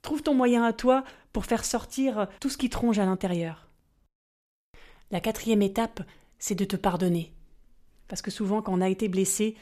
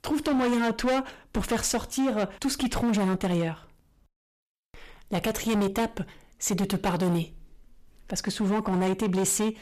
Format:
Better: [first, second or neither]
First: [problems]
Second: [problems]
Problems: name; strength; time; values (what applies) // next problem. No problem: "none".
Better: first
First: none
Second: distortion; heavy; 16% of the sound clipped